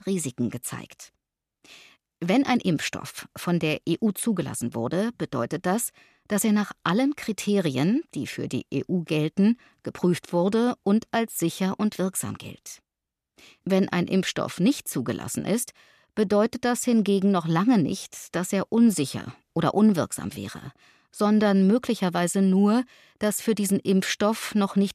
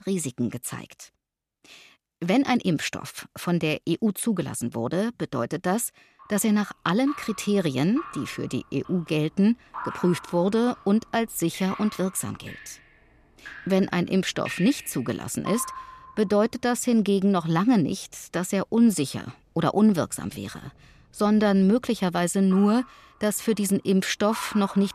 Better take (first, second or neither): first